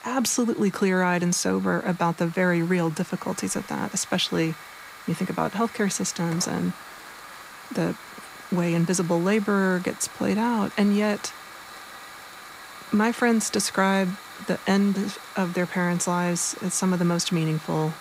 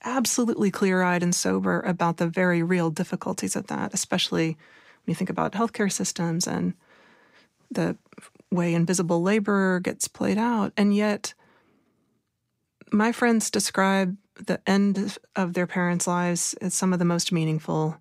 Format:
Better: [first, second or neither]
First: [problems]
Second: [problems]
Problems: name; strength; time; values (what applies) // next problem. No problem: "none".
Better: second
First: hiss; noticeable; throughout; 15 dB below the speech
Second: none